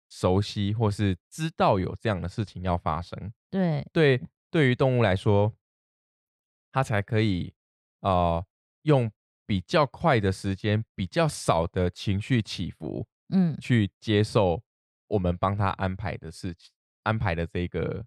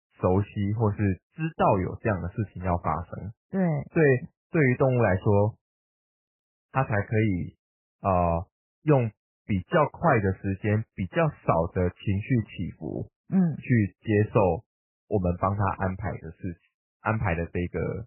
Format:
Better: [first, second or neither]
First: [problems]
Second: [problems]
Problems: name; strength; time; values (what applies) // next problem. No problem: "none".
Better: first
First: none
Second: garbled, watery; badly; nothing above 3 kHz